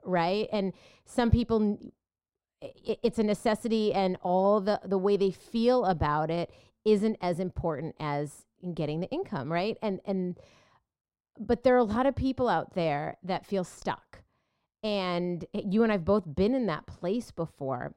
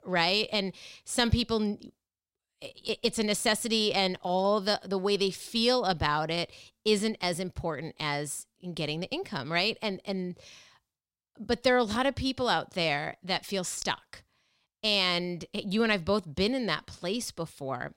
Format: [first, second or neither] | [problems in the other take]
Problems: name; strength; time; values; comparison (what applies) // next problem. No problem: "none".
second | muffled; slightly; fading above 1.5 kHz